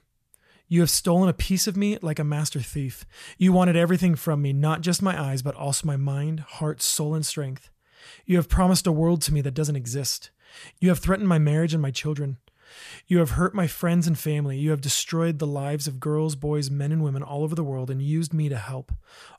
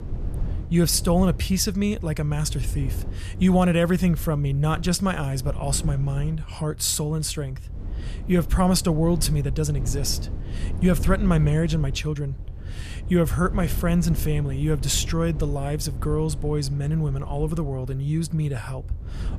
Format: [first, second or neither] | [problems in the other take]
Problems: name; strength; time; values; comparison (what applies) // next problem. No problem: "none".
first | low rumble; noticeable; throughout; 20 dB below the speech